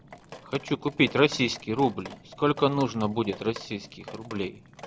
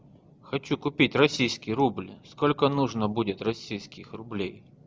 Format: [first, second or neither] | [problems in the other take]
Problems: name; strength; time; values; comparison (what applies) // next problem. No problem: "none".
second | background sound (Drip); 18 dB below the speech